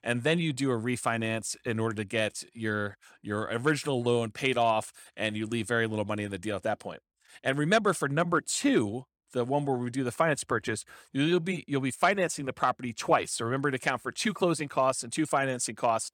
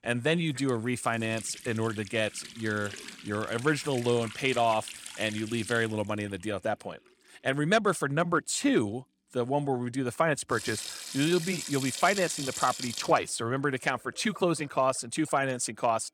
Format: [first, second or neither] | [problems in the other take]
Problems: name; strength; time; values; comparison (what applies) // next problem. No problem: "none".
first | household noises; noticeable; throughout; 10 dB below the speech